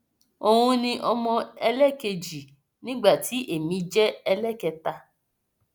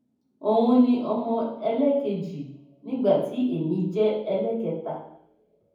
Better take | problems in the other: first | room echo; dies away in 0.9 s

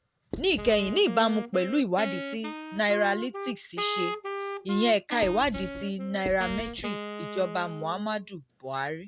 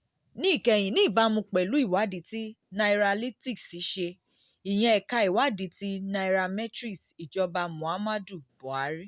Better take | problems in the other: second | background sound (Writing + Wind instrument, woodwind instrument); 8 dB below the speech

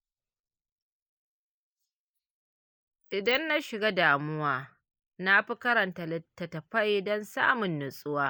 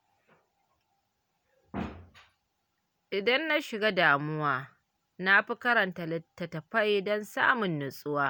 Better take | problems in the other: second | noise reduction (neural mask model Resemble Enhance denoiser)

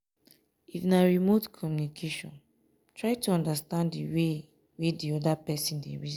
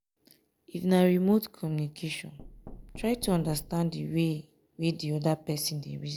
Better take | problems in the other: first | background sound (Knock); 17 dB below the speech

